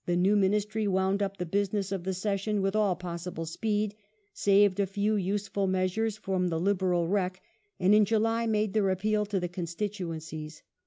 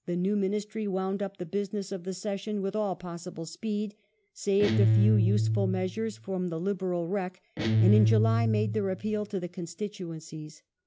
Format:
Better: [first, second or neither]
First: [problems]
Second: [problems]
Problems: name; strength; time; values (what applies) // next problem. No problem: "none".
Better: first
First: none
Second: background sound (Guitar); 3 dB above the speech